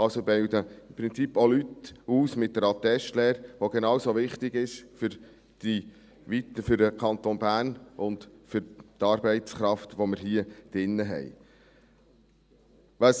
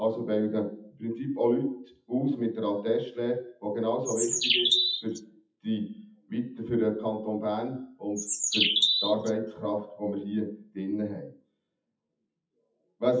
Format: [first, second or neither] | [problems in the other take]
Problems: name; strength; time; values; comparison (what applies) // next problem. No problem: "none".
first | noise reduction (classical method WPE with log-MMSE)